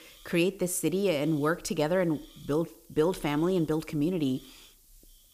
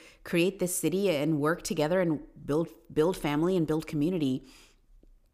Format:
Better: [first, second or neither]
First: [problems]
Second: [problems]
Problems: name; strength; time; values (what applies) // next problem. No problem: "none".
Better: second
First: hiss; faint; throughout; 25 dB below the speech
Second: none